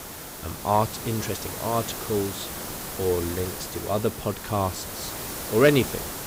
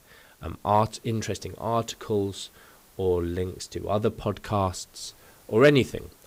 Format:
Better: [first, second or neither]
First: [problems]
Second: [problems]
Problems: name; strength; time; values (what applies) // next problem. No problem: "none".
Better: second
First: hiss; loud; throughout; 7 dB below the speech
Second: hiss; faint; throughout; 30 dB below the speech